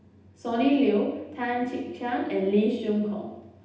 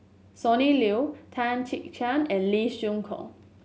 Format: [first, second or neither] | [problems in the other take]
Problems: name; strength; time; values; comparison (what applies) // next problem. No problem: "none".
second | room echo; dies away in 0.8 s